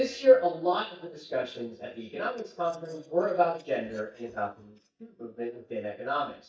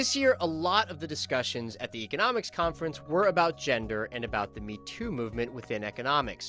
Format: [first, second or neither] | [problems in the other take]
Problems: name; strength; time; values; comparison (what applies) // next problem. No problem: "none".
second | noise reduction (neural mask model DeepFilterNet 3)